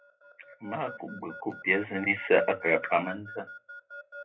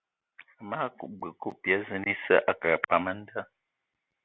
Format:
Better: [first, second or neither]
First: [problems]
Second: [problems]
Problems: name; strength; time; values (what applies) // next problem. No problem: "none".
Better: second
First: noise reduction (classical method WPE with log-MMSE)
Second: none